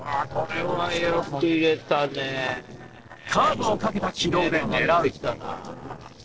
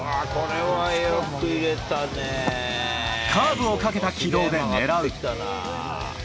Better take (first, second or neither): second